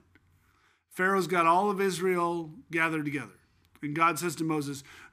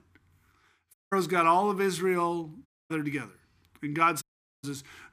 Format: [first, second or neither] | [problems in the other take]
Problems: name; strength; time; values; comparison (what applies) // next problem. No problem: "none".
first | audio cutting out; at 1 s, at 2.5 s and at 4 s